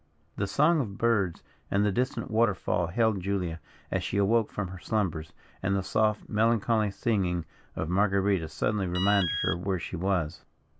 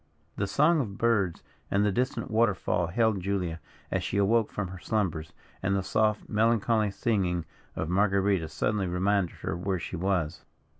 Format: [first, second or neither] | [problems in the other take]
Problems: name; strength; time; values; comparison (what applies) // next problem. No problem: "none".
second | background sound (Alarm); 7 dB below the speech